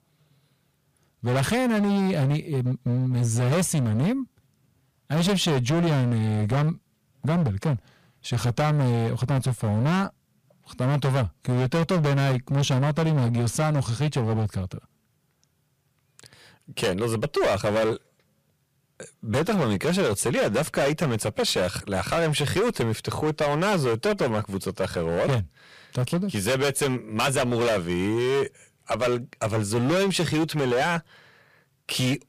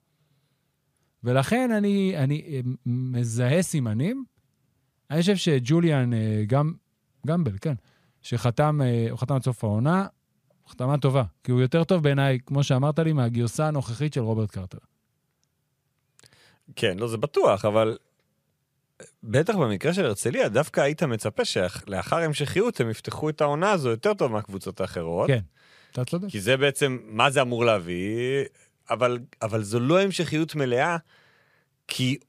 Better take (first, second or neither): second